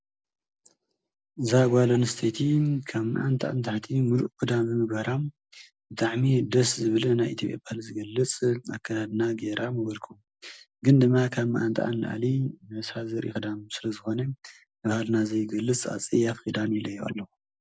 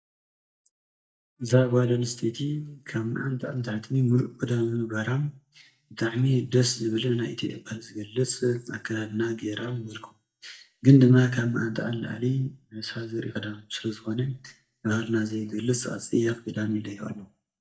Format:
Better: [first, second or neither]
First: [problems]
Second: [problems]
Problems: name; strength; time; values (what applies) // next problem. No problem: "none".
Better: first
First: none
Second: noise reduction (neural mask model DeepFilterNet 3)